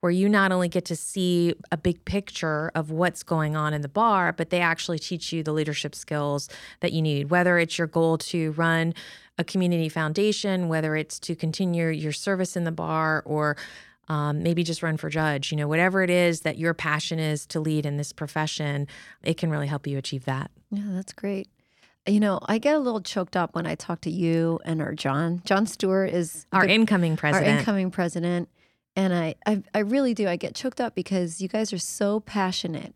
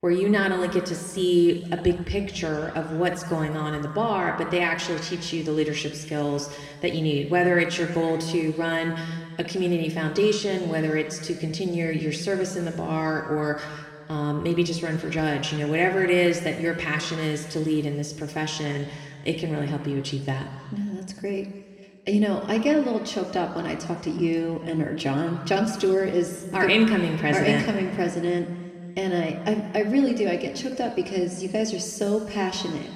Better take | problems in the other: first | room echo; slight; dies away in 1.9 s // off-mic speech; somewhat distant

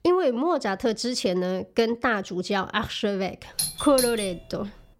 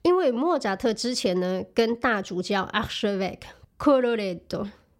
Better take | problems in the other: second | doorbell; noticeable; at 3.5 s; peak 2 dB below the speech

